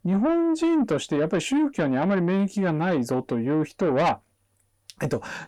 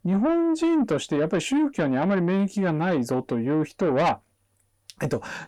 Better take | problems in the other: neither | distortion; slight; 10 dB below the speech; the same in both

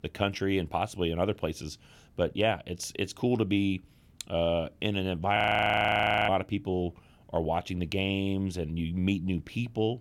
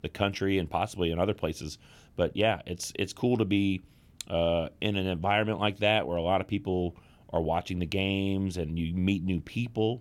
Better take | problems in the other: second | audio freezing; at 5.5 s for 1 s

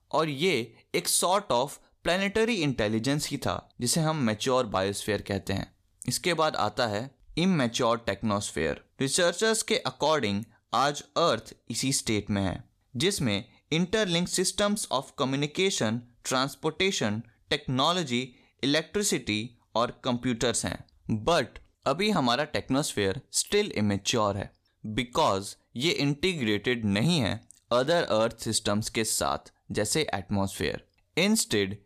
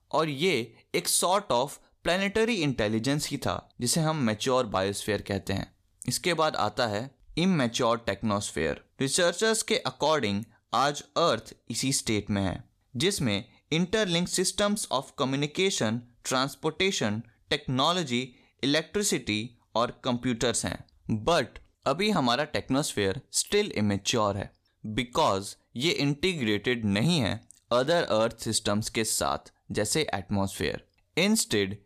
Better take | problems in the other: neither | none

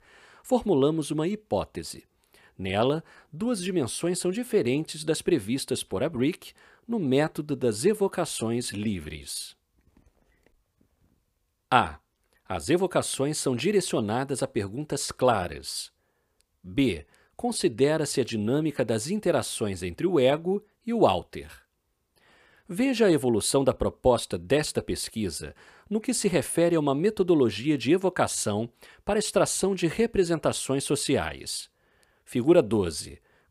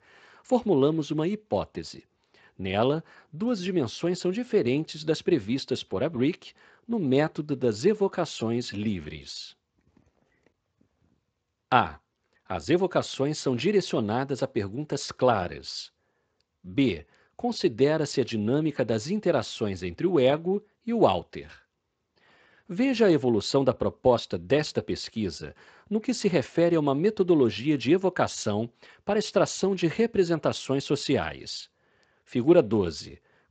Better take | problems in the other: first | garbled, watery; slightly; nothing above 8 kHz

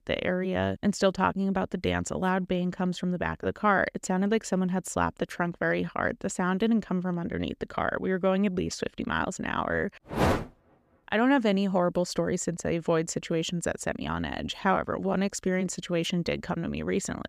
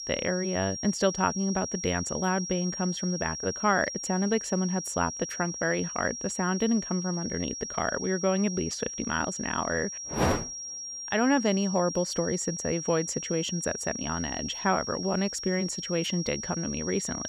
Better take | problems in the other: first | high-pitched whine; loud; throughout; 5.5 kHz, 6 dB below the speech

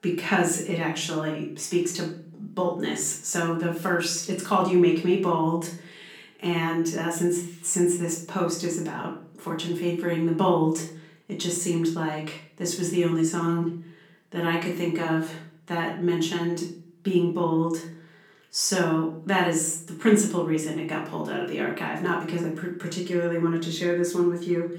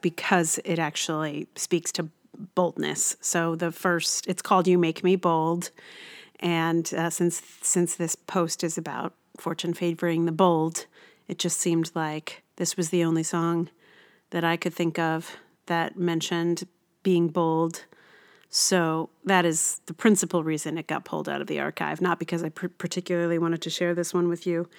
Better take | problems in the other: second | off-mic speech; far // room echo; slight; dies away in 0.4 s

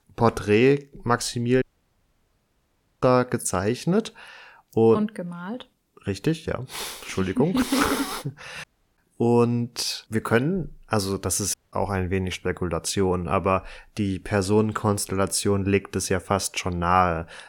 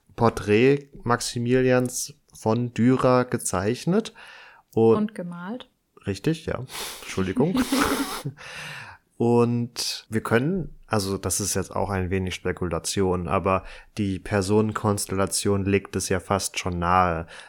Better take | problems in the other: second | audio cutting out; at 1.5 s for 1.5 s, at 8.5 s and at 12 s

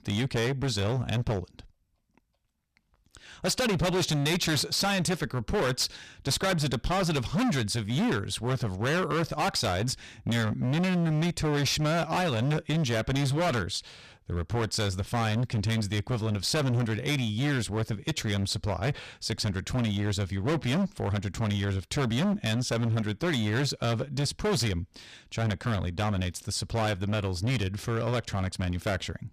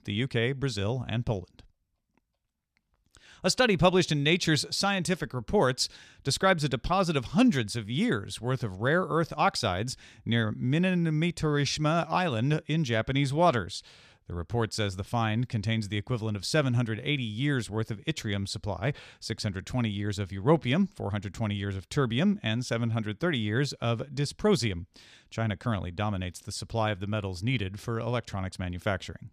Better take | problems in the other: second | distortion; heavy; 21% of the sound clipped

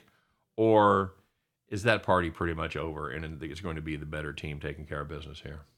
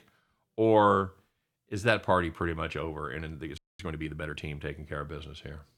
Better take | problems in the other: first | audio freezing; at 3.5 s

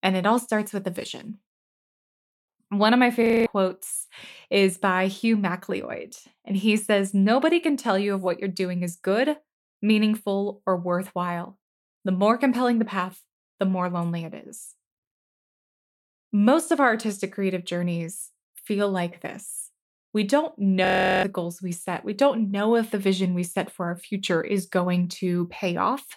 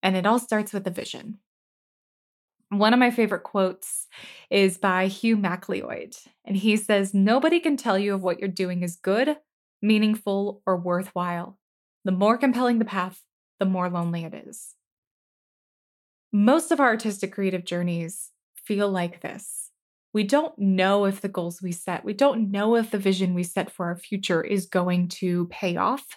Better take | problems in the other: second | audio freezing; at 3 s and at 21 s

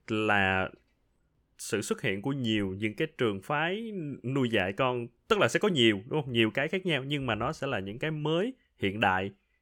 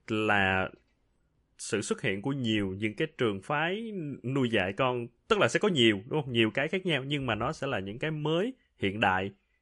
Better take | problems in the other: first | garbled, watery; slightly; nothing above 10.5 kHz

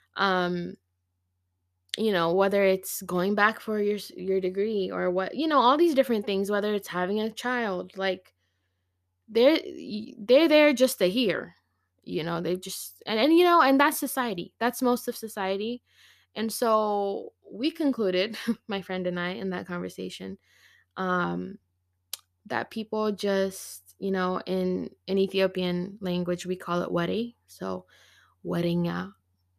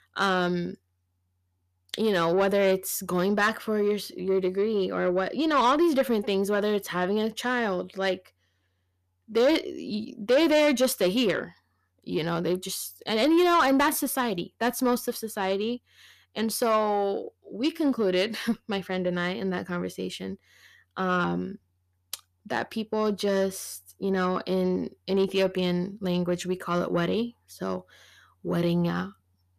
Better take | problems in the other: first | distortion; slight; 10 dB below the speech

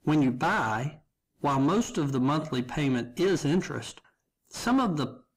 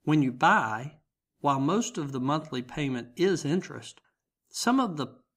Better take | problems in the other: second | distortion; heavy; 6 dB below the speech

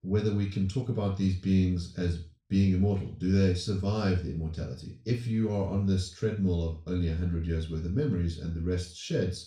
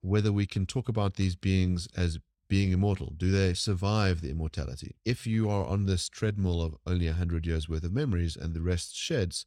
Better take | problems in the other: second | room echo; slight; dies away in 0.3 s // off-mic speech; far

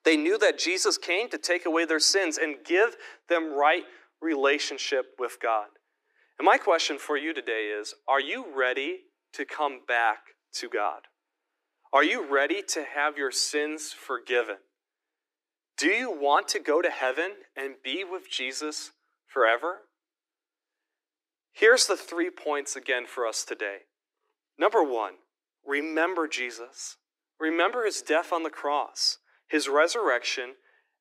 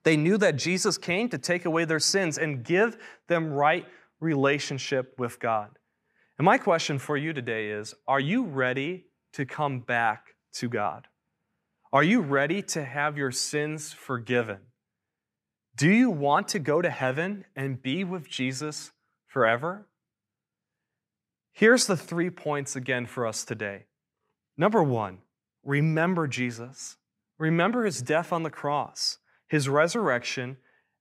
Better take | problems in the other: second | thin; very; fading below 300 Hz

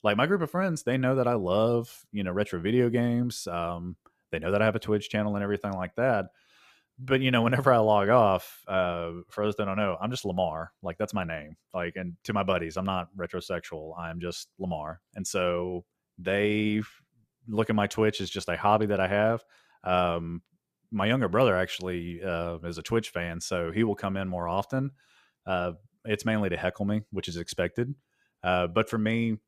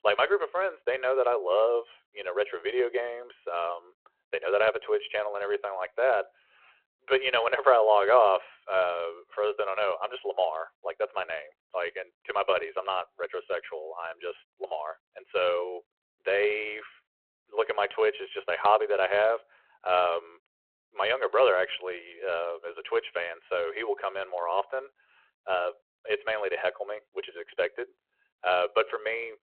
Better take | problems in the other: first | phone-call audio

